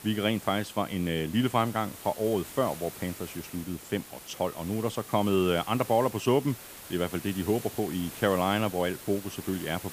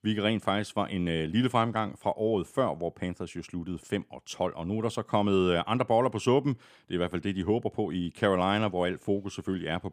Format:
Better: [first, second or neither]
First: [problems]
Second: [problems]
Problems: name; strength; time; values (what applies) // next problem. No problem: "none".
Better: second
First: hiss; noticeable; throughout; 15 dB below the speech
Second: none